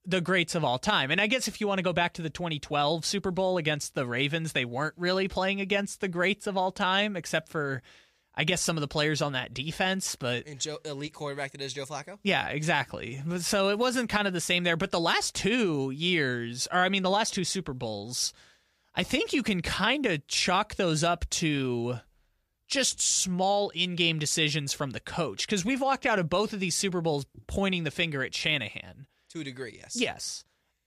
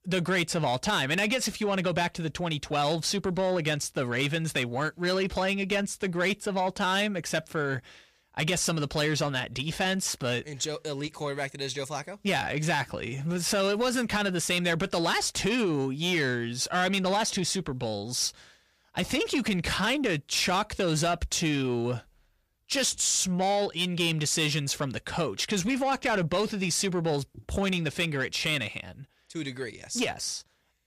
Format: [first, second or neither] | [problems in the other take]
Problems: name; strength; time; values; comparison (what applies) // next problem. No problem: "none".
first | distortion; slight; 10 dB below the speech